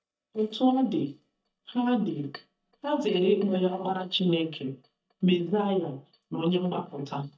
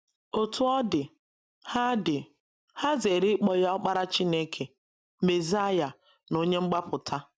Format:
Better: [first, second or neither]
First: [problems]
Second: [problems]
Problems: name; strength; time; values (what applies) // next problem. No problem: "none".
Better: second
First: noise reduction (neural mask model DeepFilterNet 3)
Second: none